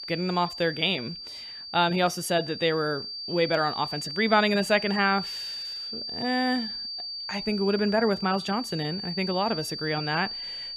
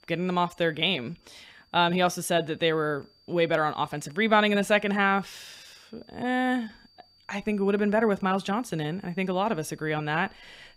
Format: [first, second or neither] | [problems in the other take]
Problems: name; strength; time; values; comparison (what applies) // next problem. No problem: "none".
second | high-pitched whine; loud; throughout; 4.5 kHz, 7 dB below the speech; faint in the second